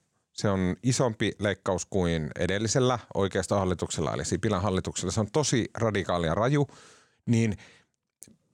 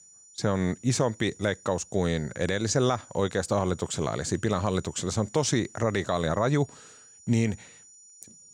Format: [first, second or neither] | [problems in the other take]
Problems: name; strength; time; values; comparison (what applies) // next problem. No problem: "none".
first | high-pitched whine; faint; throughout; 7 kHz, 20 dB below the speech